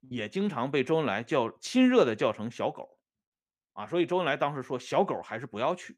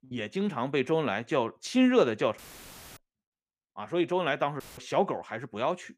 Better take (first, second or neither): first